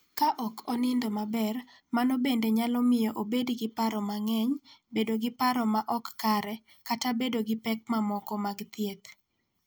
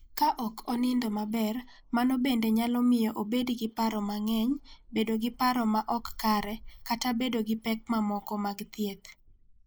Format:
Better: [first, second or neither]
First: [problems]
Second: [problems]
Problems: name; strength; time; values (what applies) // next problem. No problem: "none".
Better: first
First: none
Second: noise reduction (neural mask model Resemble Enhance denoiser)